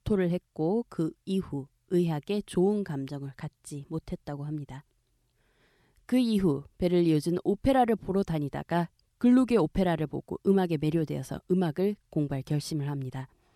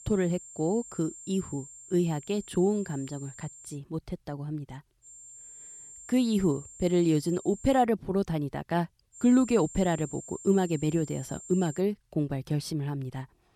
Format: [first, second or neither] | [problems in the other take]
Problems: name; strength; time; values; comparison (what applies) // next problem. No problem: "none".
first | high-pitched whine; noticeable; until 4 s, from 5 to 8 s and from 9 to 12 s; 7.5 kHz, 15 dB below the speech